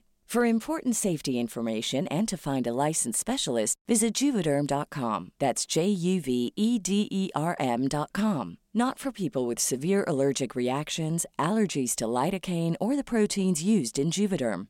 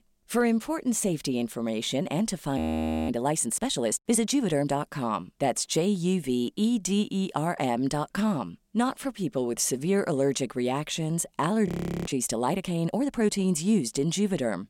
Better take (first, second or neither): first